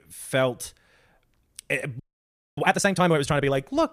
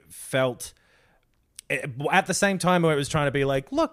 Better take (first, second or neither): second